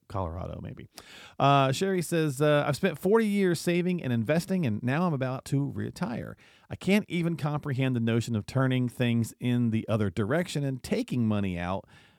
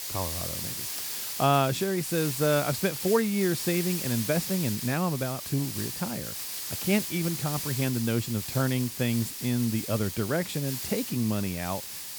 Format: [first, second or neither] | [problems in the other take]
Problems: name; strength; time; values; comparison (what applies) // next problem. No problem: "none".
first | hiss; loud; throughout; 4 dB below the speech